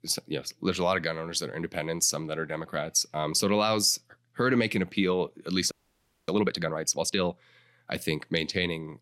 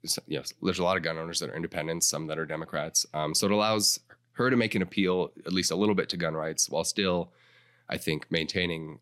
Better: second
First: audio freezing; at 5.5 s for 0.5 s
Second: none

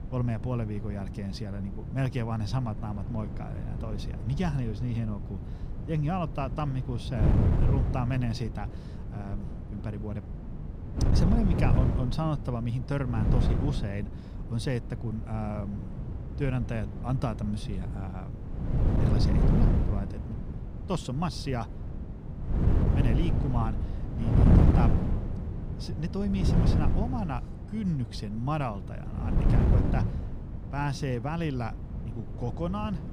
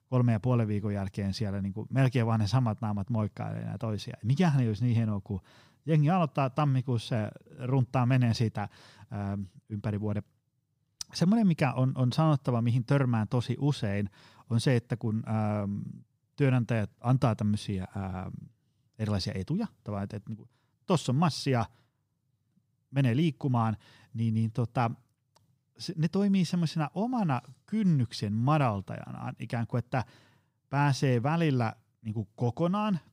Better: second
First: wind noise on the microphone; heavy; 3 dB below the speech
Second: none

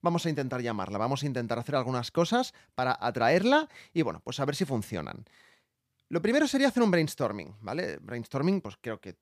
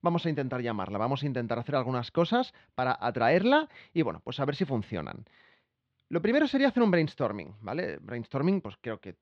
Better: first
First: none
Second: muffled; very slightly; fading above 3.5 kHz

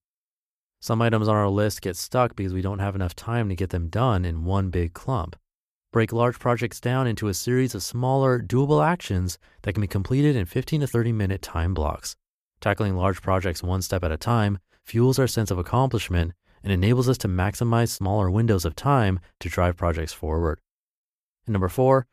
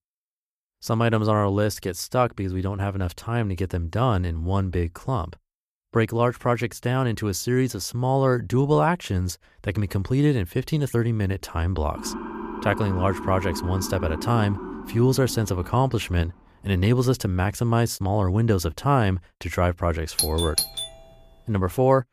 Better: first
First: none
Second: siren; noticeable; from 12 to 16 s; peak 8 dB below the speech // doorbell; noticeable; at 20 s; peak level with the speech

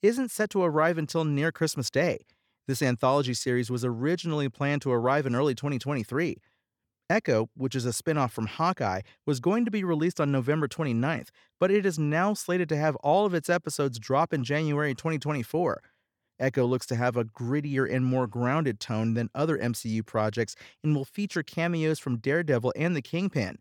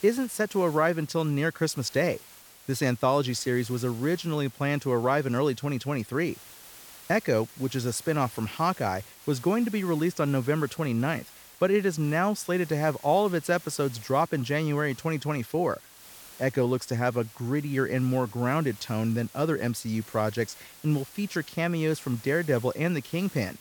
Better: first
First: none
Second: hiss; noticeable; throughout; 20 dB below the speech

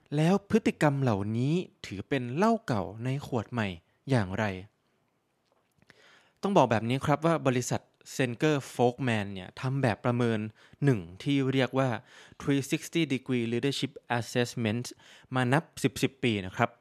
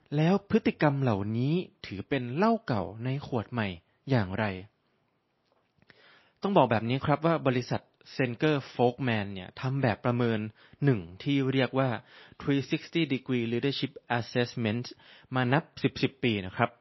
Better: first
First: none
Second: garbled, watery; slightly; nothing above 5.5 kHz

